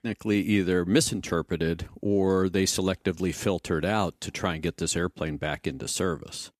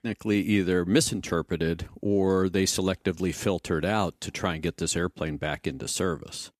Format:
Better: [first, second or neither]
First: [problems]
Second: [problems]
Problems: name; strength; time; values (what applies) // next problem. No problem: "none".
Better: neither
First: none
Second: none